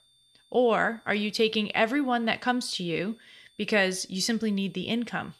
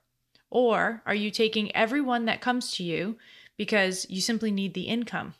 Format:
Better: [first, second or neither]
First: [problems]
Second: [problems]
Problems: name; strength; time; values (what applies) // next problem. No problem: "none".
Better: second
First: high-pitched whine; faint; throughout; 3.5 kHz, 35 dB below the speech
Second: none